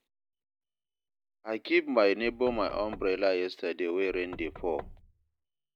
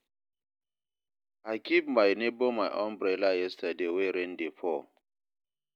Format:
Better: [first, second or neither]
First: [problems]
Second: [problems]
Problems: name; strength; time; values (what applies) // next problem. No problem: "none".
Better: second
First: background sound (Knock / Wood); 16 dB below the speech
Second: none